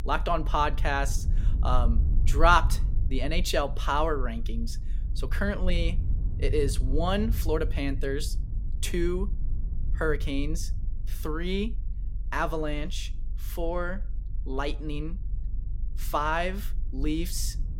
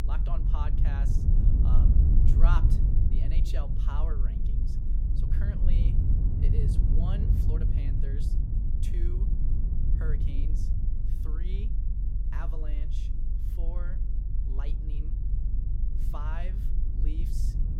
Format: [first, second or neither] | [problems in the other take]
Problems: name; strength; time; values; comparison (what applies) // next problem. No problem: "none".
first | low rumble; loud; throughout; 1 dB below the speech; faint in the first